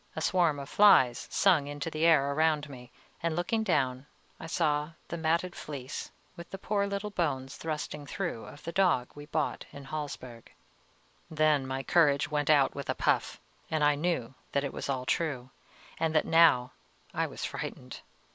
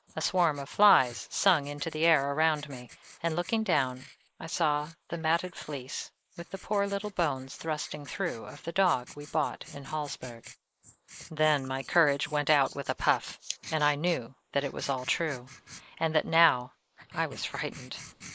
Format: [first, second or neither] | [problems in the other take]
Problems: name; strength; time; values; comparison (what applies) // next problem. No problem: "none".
first | noise reduction (neural mask model Resemble Enhance denoiser)